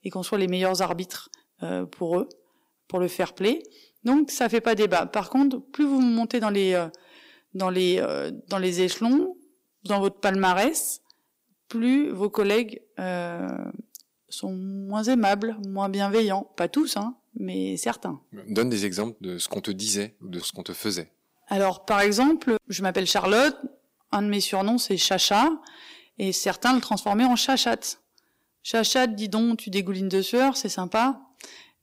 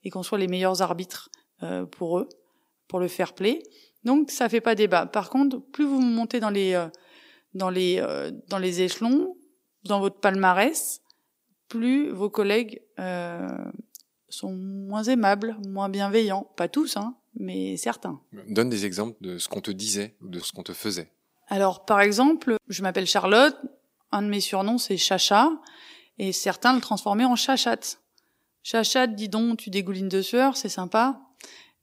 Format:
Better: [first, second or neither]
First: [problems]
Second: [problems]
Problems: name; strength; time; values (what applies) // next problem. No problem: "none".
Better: second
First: distortion; slight; 3% of the sound clipped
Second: none